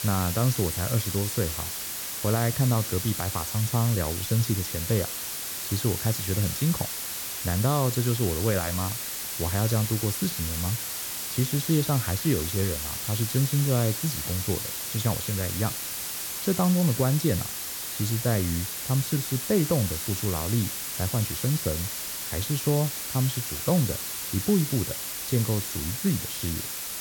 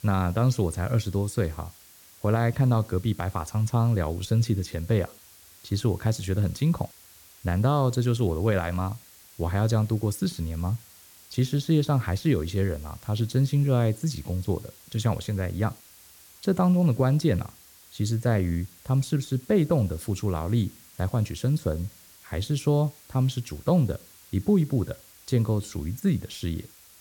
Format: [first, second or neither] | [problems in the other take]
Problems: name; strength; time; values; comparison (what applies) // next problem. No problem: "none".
second | hiss; loud; throughout; 2 dB below the speech; faint in the second